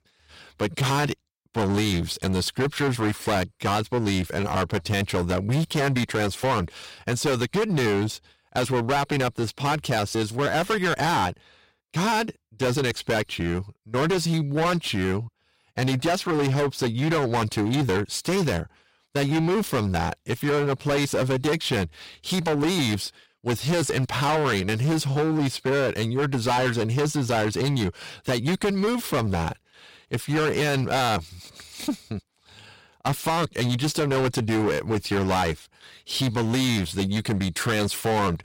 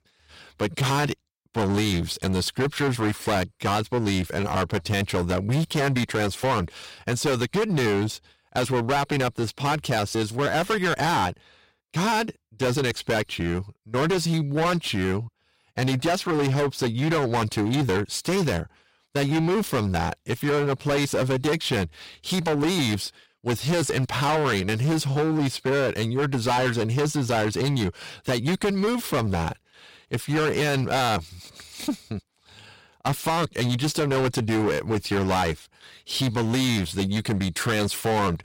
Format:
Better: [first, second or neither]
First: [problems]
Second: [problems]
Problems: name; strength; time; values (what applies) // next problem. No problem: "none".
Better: neither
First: distortion; heavy; 19% of the sound clipped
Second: distortion; heavy; 19% of the sound clipped